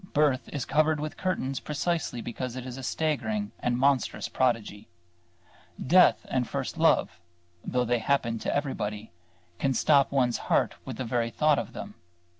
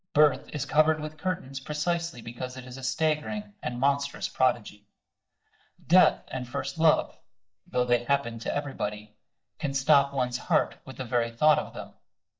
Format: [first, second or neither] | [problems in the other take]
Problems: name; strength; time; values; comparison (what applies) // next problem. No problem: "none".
first | noise reduction (neural mask model DeepFilterNet 3)